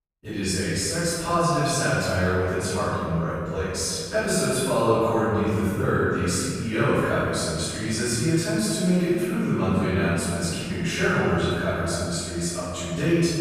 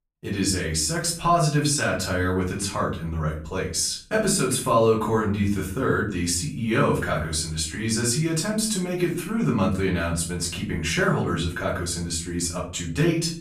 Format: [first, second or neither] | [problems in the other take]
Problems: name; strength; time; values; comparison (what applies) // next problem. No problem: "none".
second | room echo; strong; dies away in 2.4 s; slight in the second // off-mic speech; far; far in the second